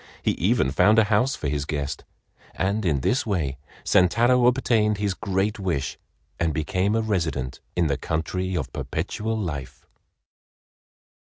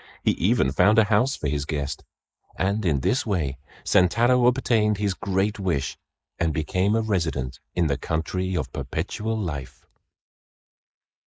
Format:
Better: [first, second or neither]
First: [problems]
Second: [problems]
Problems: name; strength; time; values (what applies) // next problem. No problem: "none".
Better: first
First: none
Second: noise reduction (neural mask model Resemble Enhance denoiser)